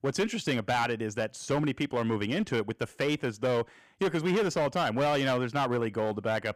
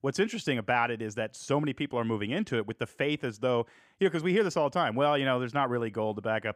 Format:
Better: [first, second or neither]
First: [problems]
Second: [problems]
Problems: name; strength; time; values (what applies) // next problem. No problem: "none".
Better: second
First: distortion; slight; 13% of the sound clipped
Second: none